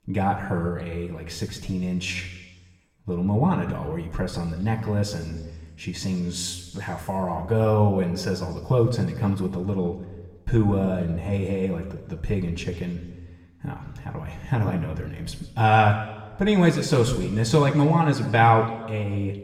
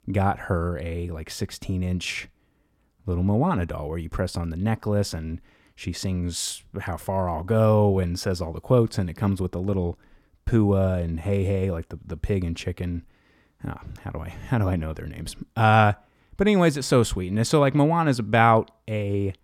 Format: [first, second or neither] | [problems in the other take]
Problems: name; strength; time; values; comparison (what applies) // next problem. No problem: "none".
second | room echo; slight; dies away in 1.2 s // off-mic speech; somewhat distant